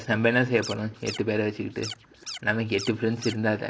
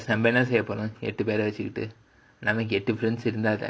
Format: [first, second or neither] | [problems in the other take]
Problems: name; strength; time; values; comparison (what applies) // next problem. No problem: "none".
second | background sound (Scratching (performance technique)); 14 dB below the speech